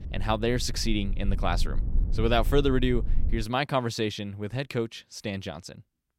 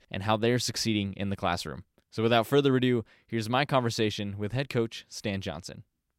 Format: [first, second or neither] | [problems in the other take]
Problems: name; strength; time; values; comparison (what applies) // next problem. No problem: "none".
second | low rumble; noticeable; until 3.5 s; 20 dB below the speech